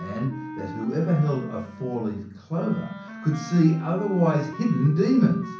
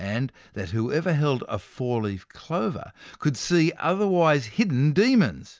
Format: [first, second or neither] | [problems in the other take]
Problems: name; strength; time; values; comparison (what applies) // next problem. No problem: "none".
second | background sound (Wind instrument, woodwind instrument); 14 dB below the speech // room echo; dies away in 0.6 s